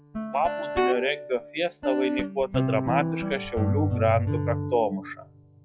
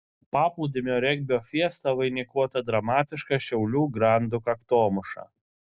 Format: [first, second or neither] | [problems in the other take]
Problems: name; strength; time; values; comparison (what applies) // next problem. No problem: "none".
second | noise reduction (classical method log-MMSE)